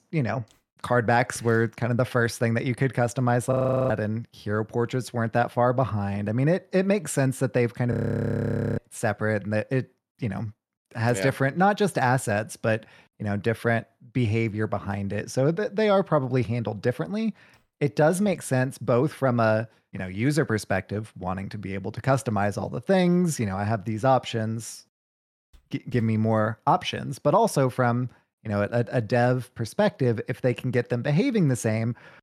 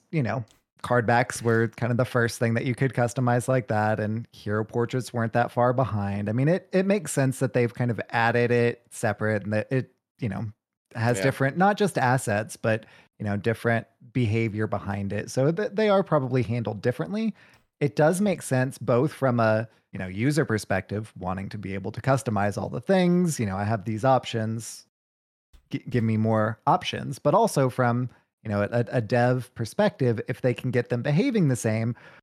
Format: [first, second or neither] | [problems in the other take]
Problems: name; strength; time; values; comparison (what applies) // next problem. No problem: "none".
second | audio freezing; at 3.5 s and at 8 s for 1 s